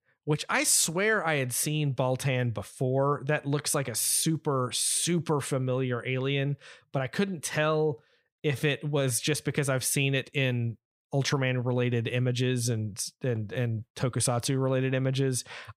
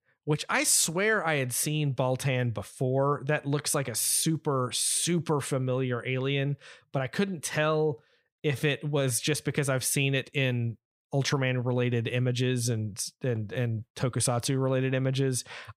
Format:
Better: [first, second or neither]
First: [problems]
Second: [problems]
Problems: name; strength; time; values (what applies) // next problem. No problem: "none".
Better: neither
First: none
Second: none